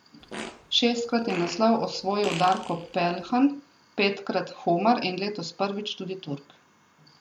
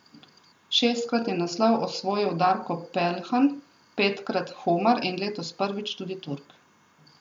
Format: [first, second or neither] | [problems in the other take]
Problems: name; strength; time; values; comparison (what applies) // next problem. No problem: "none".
second | background sound (Fart); 14 dB below the speech